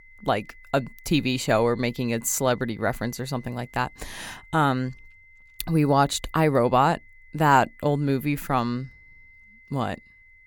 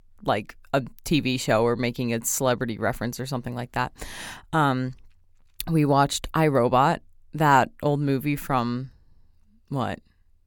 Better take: second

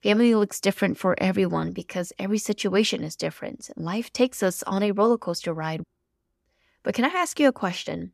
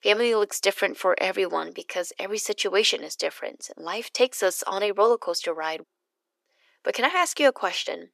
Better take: first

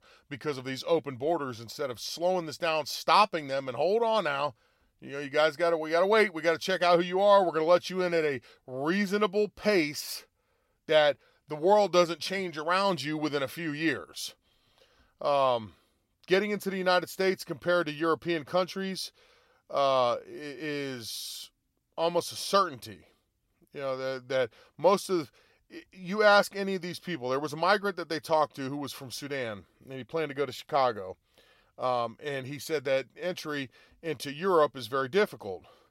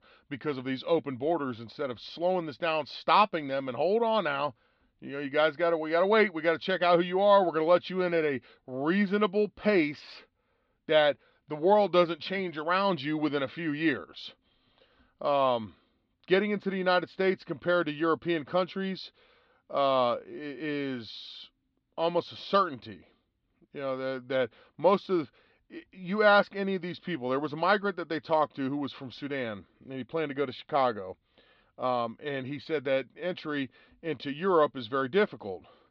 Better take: first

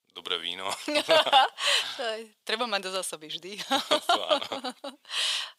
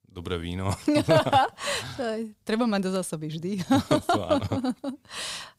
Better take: second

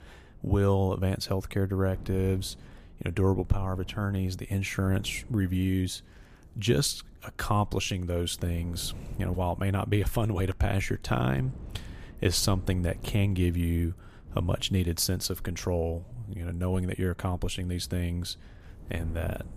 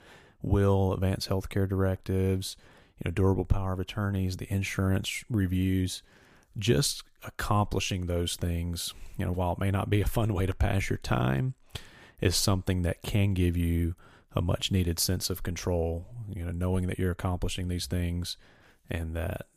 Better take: second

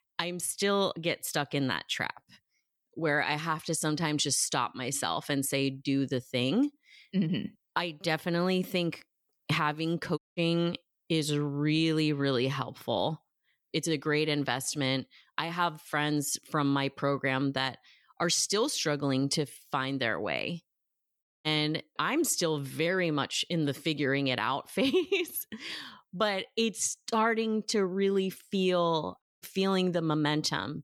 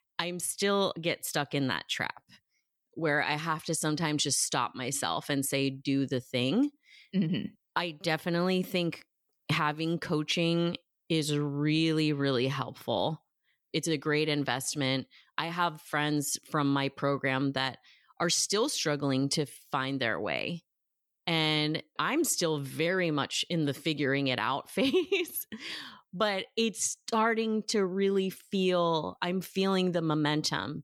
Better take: second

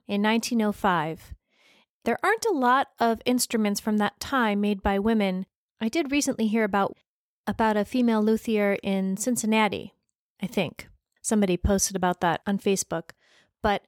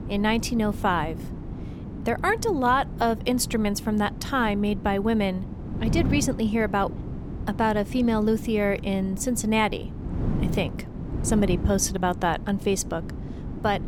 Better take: first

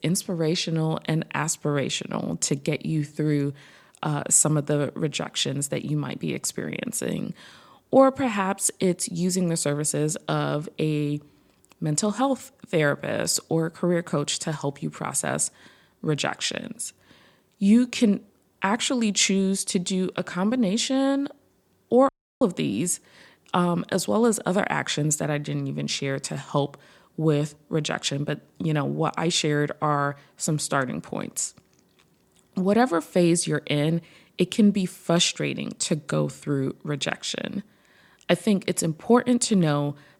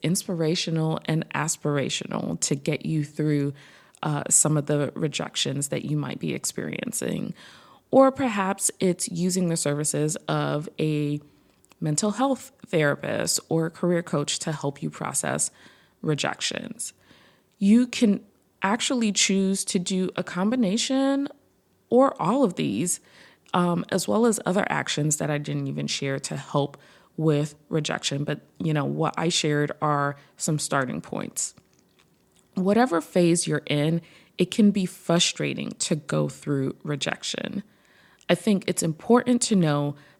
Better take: second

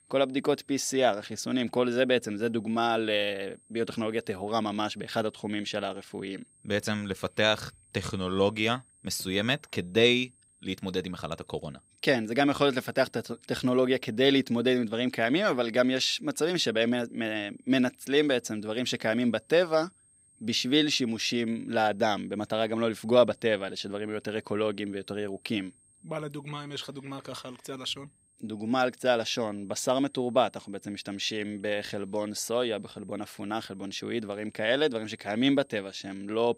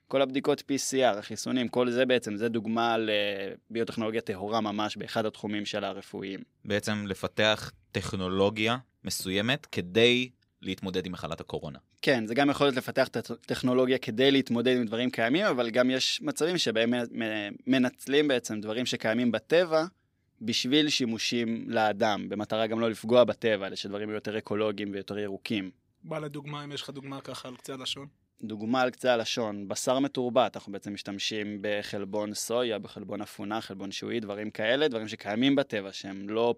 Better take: second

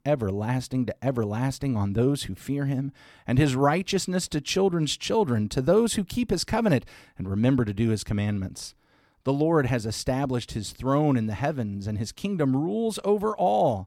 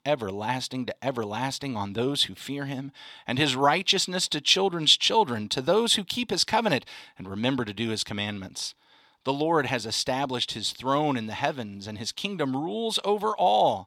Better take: first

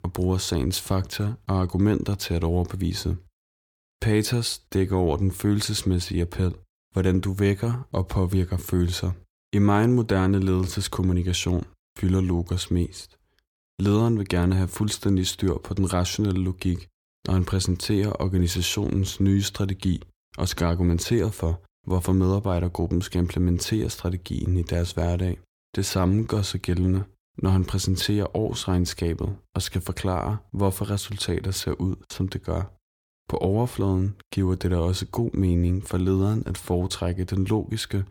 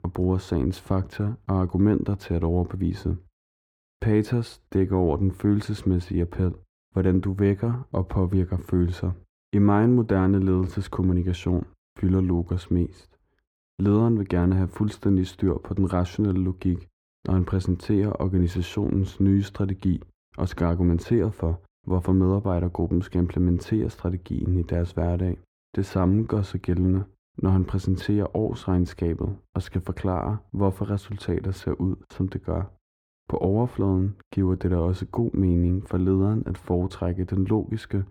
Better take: first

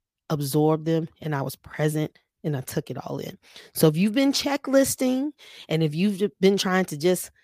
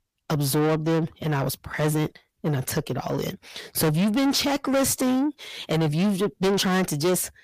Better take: first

